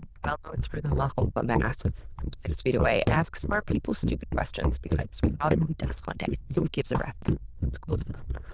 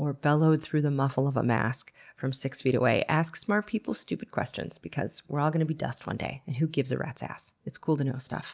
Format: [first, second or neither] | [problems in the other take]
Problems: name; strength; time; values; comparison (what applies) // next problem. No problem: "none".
second | noise reduction (neural diffusion model UNIVERSE++)